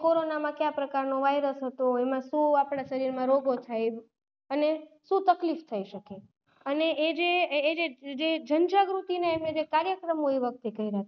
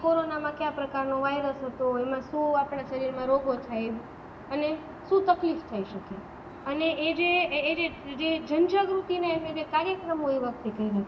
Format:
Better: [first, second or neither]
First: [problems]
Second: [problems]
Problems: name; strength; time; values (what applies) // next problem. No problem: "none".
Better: first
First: none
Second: background sound (Aircraft); 16 dB below the speech // room echo; dies away in 2 s